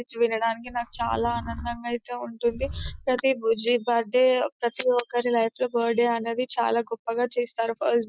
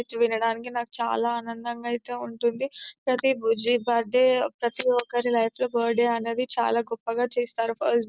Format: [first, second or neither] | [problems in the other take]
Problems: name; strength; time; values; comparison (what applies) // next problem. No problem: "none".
second | noise reduction (classical method Wiener filter)